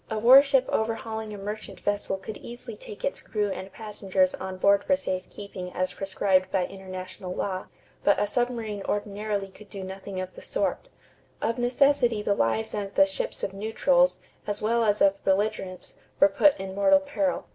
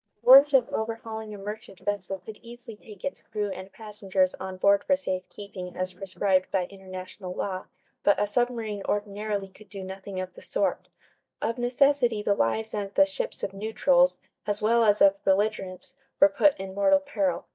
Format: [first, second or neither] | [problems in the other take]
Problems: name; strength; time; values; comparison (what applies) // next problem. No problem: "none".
first | noise reduction (neural mask model DeepFilterNet 3)